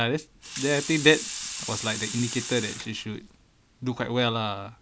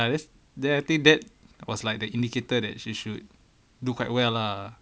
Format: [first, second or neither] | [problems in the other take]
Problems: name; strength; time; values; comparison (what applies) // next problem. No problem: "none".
second | background sound (Sink (filling or washing) / Water tap, faucet); 8 dB below the speech